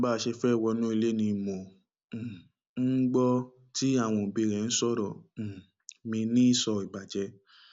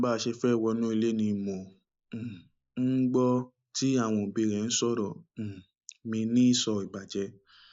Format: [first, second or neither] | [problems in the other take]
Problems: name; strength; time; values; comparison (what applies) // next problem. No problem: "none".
first | noise reduction (neural mask model Resemble Enhance denoiser)